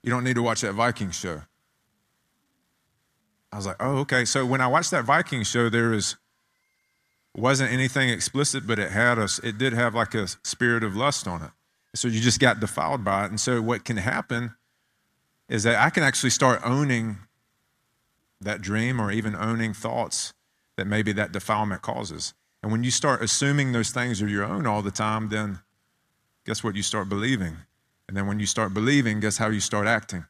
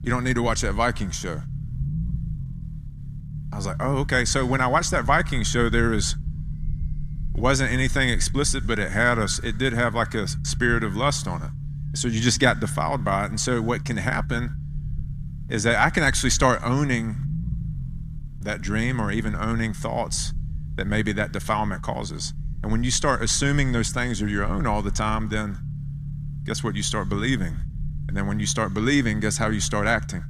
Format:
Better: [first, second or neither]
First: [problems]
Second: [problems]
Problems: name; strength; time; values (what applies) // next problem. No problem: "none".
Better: first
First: none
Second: low rumble; faint; throughout; 20 dB below the speech